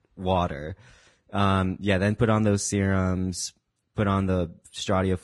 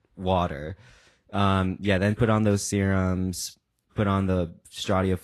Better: second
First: garbled, watery; badly; nothing above 10.5 kHz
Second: garbled, watery; slightly; nothing above 12.5 kHz

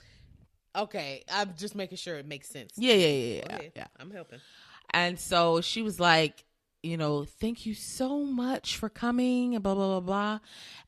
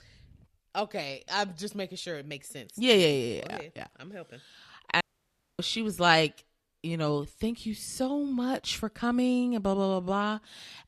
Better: first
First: none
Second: audio cutting out; at 5 s for 0.5 s

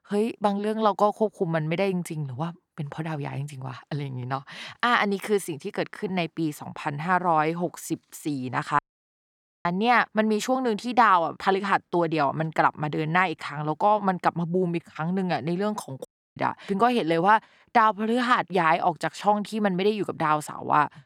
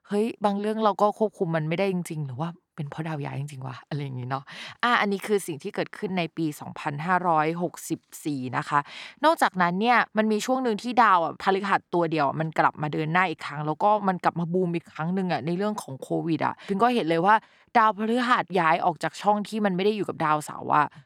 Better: second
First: audio cutting out; at 9 s for 1 s and at 16 s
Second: none

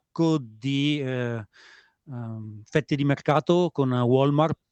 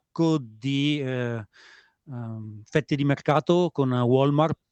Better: neither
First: none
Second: none

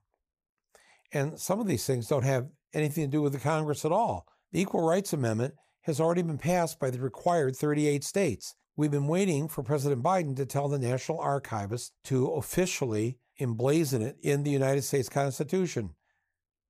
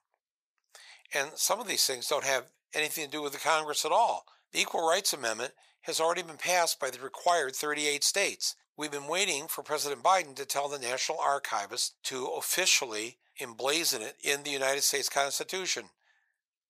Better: first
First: none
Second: thin; very; fading below 850 Hz

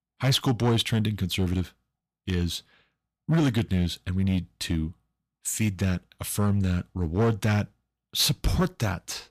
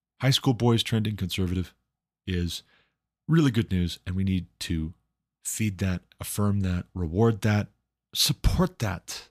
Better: second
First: distortion; slight; 6% of the sound clipped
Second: none

